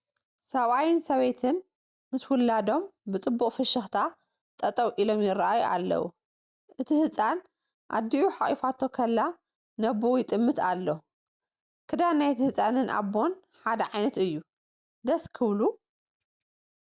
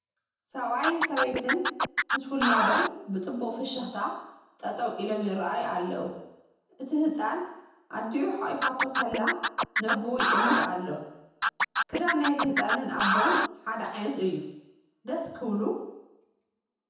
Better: first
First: none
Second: background sound (Scratching (performance technique)); 3 dB above the speech // room echo; dies away in 0.9 s

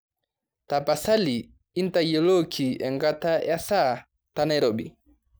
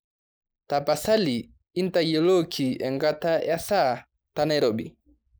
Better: first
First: none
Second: noise reduction (neural mask model Resemble Enhance denoiser)

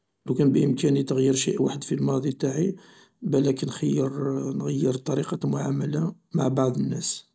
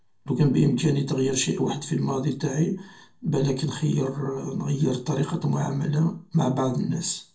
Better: first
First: none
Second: room echo; dies away in 0.2 s

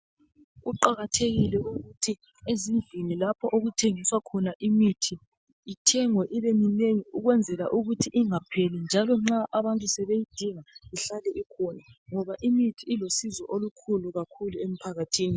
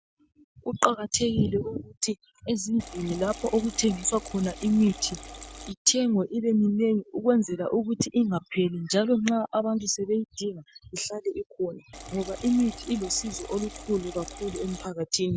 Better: first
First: none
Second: background sound (Liquid); 15 dB below the speech

